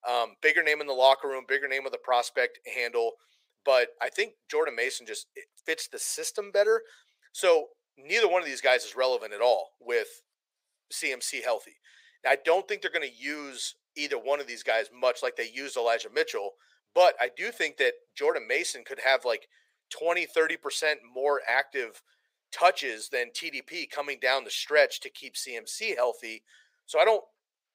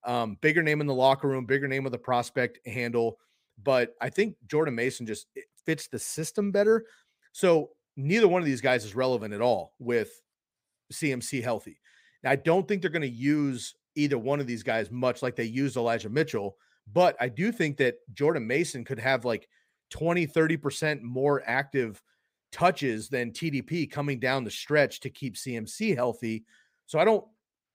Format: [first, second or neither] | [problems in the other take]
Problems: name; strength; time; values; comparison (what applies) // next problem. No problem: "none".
second | thin; very; fading below 500 Hz